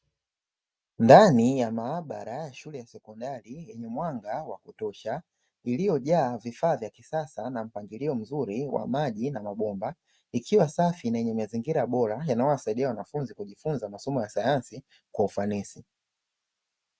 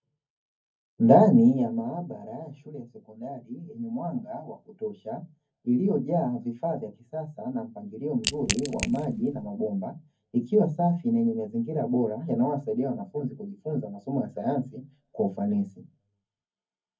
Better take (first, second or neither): first